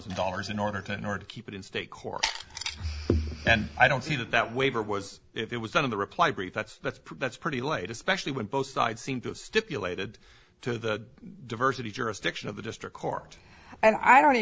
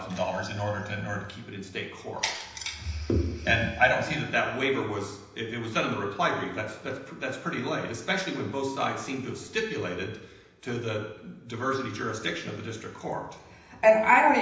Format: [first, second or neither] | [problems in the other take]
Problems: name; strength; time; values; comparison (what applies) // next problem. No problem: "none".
first | room echo; dies away in 0.9 s